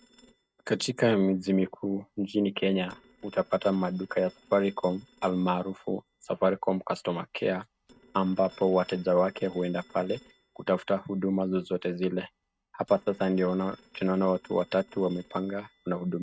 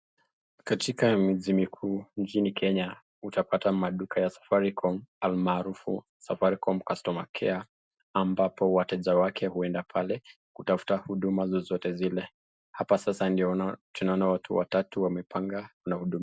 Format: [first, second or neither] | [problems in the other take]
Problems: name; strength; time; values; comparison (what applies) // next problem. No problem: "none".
second | noise reduction (neural mask model RNNoise)